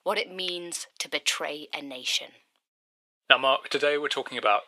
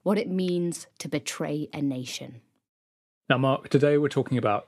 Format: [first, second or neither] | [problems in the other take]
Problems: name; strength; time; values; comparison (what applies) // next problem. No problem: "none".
second | thin; very; fading below 800 Hz